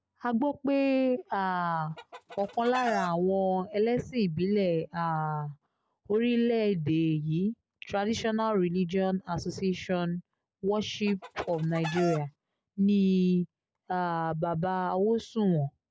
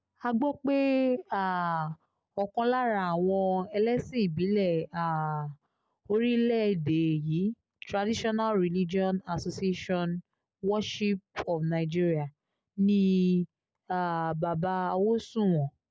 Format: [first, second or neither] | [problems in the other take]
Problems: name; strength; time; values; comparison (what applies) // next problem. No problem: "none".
second | background sound (Chicken, rooster); 11 dB below the speech